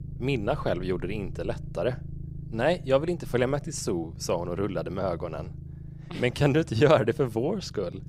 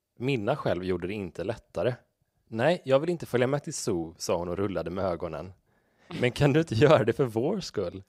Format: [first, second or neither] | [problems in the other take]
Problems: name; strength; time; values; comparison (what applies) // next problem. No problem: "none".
second | low rumble; faint; throughout; 25 dB below the speech